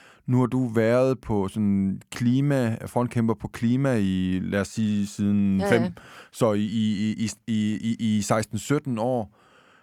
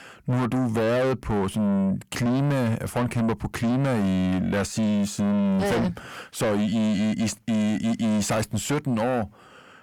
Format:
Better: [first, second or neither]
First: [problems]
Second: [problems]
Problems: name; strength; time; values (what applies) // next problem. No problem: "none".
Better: first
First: none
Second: distortion; heavy; 7 dB below the speech